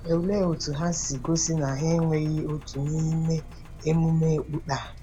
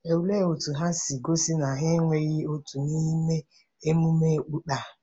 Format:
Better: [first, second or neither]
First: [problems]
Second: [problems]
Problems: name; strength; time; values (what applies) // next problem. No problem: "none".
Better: second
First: background sound (Engine); 14 dB below the speech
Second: none